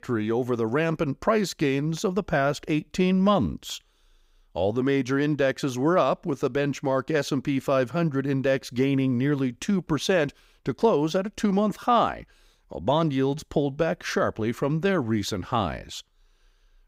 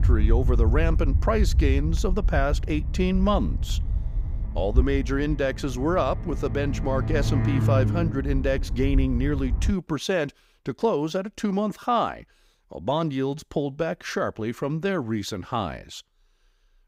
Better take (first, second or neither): first